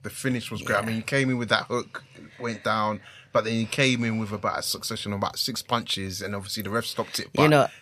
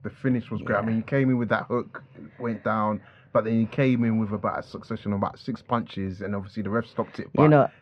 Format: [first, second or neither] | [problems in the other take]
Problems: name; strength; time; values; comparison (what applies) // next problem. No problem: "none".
first | muffled; very; fading above 1.5 kHz